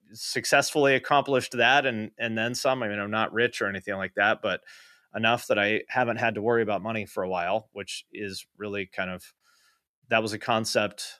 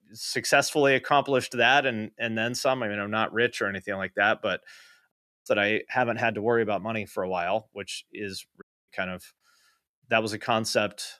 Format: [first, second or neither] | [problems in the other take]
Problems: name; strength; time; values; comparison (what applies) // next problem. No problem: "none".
first | audio cutting out; at 5 s and at 8.5 s